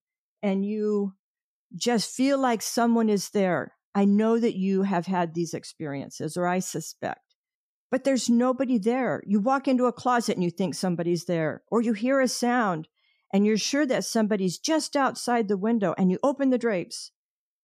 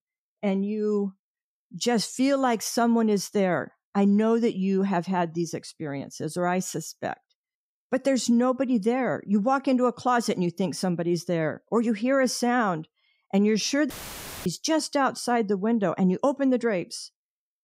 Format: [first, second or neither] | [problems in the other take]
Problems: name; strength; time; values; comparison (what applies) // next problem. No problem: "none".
first | audio cutting out; filled with static; at 14 s for 0.5 s